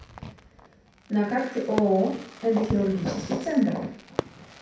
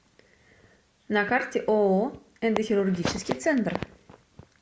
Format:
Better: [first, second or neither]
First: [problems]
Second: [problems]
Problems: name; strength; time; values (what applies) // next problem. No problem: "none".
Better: second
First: background sound (Fireworks); 11 dB below the speech // room echo; dies away in 0.6 s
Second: none